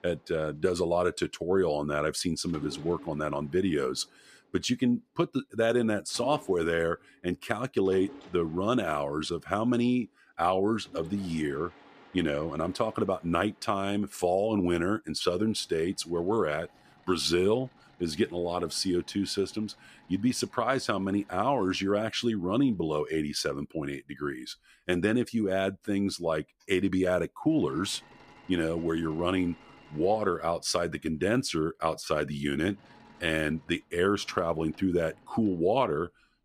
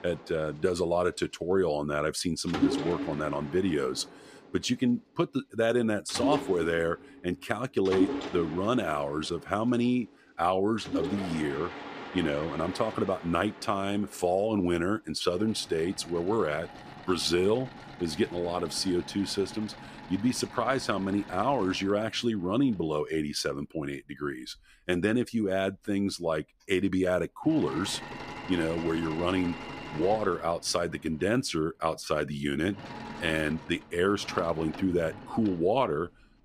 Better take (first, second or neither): first